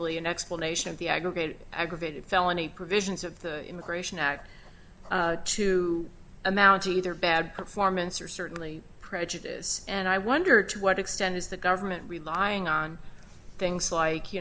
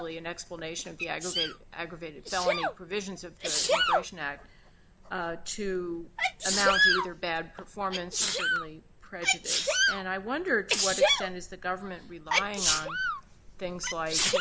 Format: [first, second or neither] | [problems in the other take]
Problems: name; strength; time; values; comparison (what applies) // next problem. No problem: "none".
first | background sound (Sneeze); 4 dB above the speech